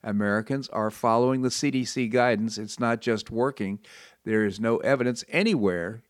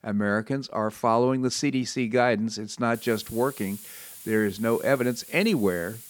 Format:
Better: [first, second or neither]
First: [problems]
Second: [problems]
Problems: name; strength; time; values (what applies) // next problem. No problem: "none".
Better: first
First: none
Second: hiss; noticeable; from 3 s on; 15 dB below the speech